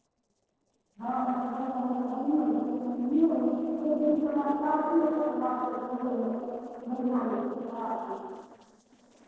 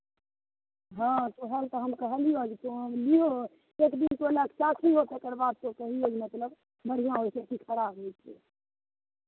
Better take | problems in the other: second | noise reduction (neural separator model SepFormer DNS4)

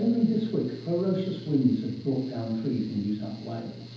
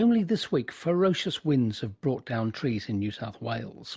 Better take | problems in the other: second | background sound (Mechanical fan); 16 dB below the speech // room echo; dies away in 0.9 s

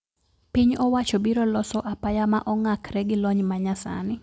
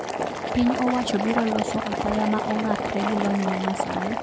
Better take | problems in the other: first | background sound (Boiling); 2 dB below the speech

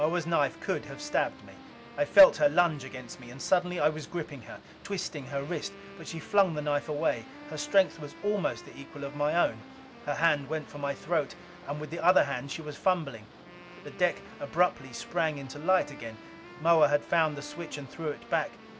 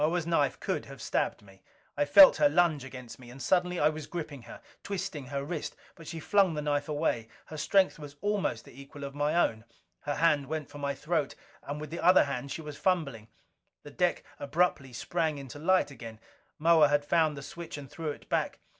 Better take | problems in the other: second | background sound (Wind instrument, woodwind instrument + Boat, Water vehicle); 17 dB below the speech

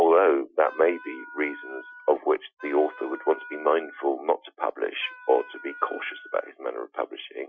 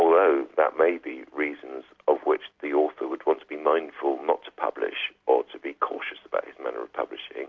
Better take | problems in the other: second | noise reduction (classical method Wiener filter)

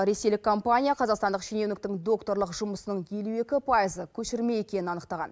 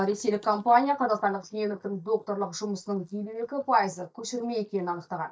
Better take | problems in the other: first | noise reduction (neural mask model DeepFilterNet 3)

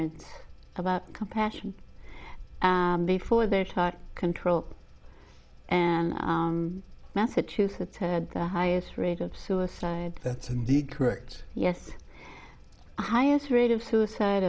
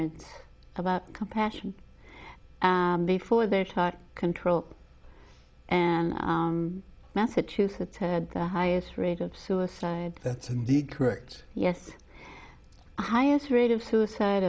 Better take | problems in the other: second | background sound (Bird vocalization, bird call, bird song); 15 dB below the speech

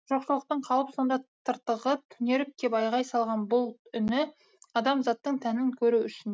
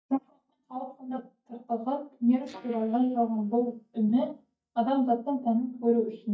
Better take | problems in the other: first | noise reduction (neural mask model DeepFilterNet 3)

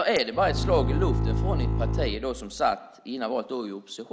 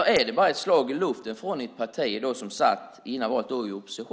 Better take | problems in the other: second | background sound (Bowed string instrument); 2 dB above the speech

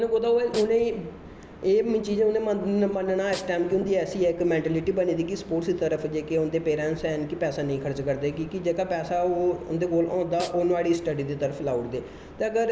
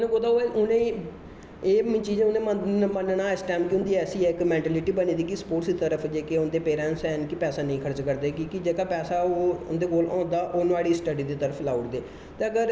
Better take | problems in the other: second | background sound (Snare drum); 19 dB below the speech

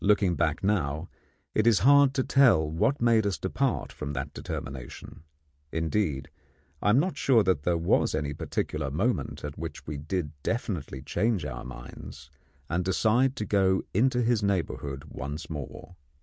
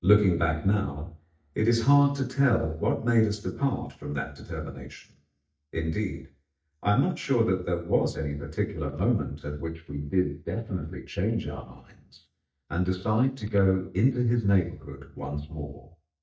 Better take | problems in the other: first | noise reduction (neural mask model DeepFilterNet 3)

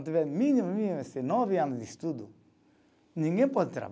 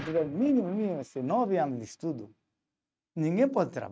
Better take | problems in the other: first | noise reduction (neural mask model RNNoise)

